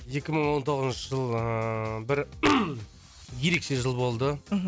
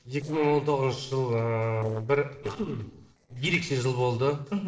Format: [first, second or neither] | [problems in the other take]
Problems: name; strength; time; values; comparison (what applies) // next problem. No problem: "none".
first | noise reduction (neural separator model SepFormer DNS4)